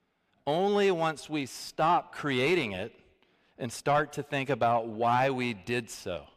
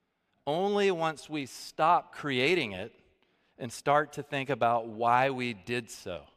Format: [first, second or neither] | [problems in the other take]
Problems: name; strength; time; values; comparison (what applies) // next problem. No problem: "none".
second | distortion; slight; 10 dB below the speech